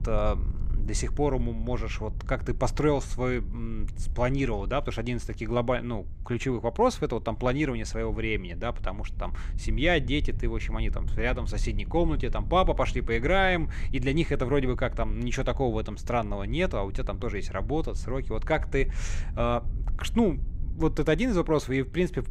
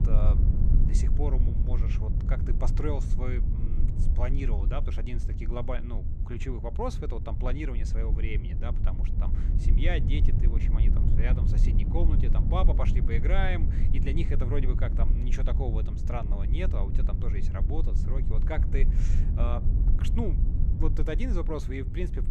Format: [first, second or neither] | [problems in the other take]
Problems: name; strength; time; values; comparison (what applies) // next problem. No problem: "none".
first | low rumble; loud; throughout; 6 dB below the speech; faint in the first